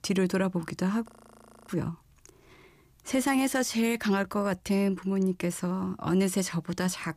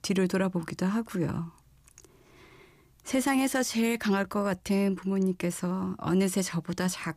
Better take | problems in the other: second | audio freezing; at 1 s for 0.5 s

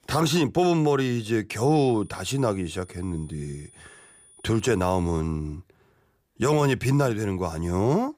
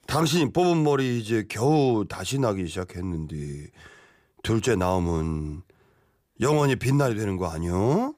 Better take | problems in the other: second | high-pitched whine; faint; from 1.5 to 5 s; 9.5 kHz, 25 dB below the speech

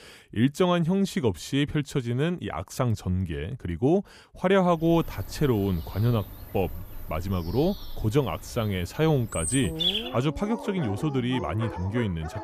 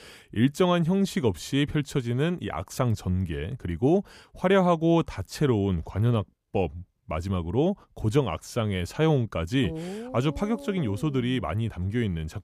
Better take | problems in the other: second | animal sounds; loud; from 5 s on; 9 dB below the speech

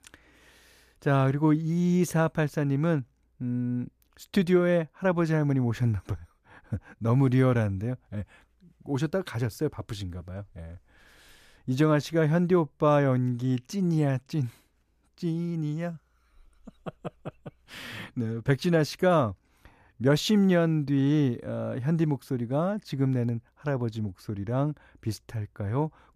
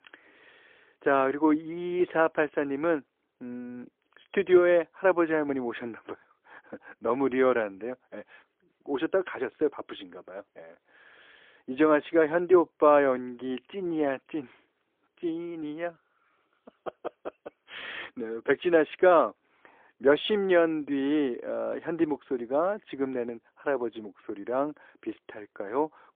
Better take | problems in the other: first | phone-call audio; poor line; nothing above 3.5 kHz

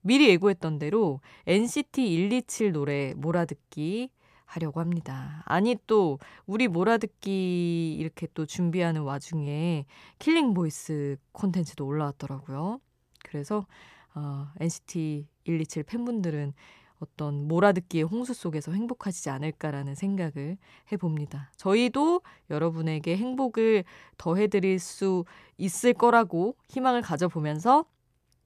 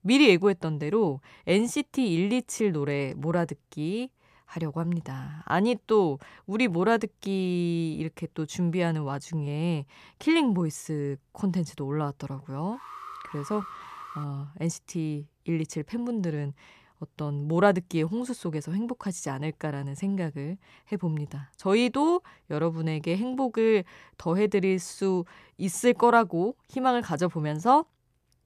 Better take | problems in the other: first | alarm; faint; from 13 to 14 s; peak 15 dB below the speech

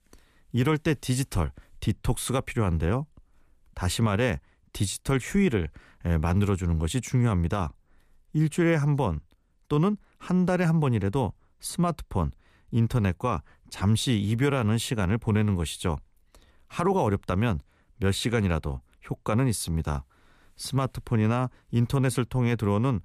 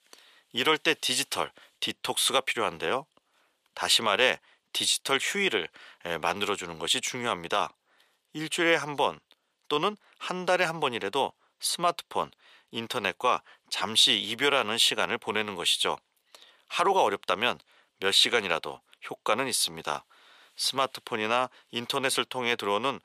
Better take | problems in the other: first | thin; very; fading below 600 Hz

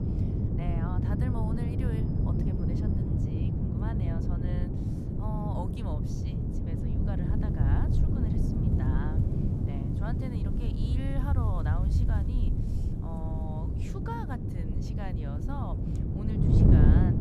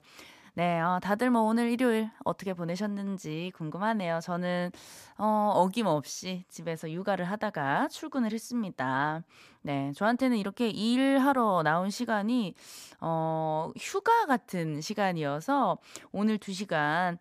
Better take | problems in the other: second | wind noise on the microphone; heavy; 4 dB above the speech

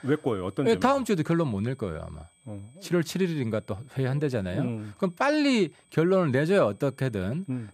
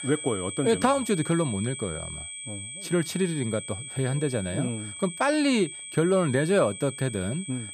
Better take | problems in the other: first | high-pitched whine; loud; throughout; 8 kHz, 9 dB below the speech; faint in the first

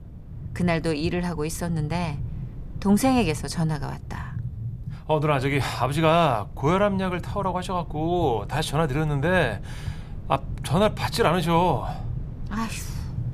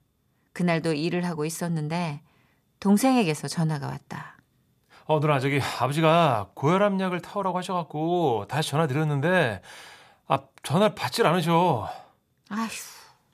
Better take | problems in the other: second | low rumble; faint; throughout; 20 dB below the speech

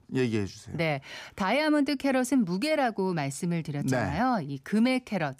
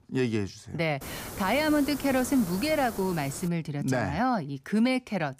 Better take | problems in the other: first | hiss; noticeable; from 1 to 3.5 s; 10 dB below the speech

